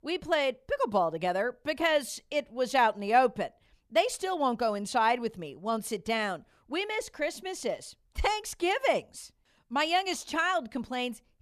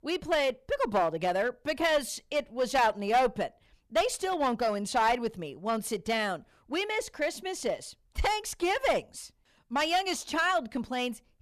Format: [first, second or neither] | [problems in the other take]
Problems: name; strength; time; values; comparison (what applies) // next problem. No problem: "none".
first | distortion; slight; 5% of the sound clipped